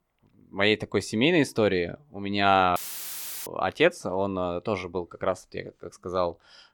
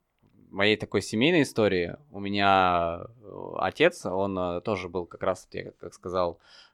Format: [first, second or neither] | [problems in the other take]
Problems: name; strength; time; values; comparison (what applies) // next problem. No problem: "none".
second | audio cutting out; filled with static; at 3 s for 0.5 s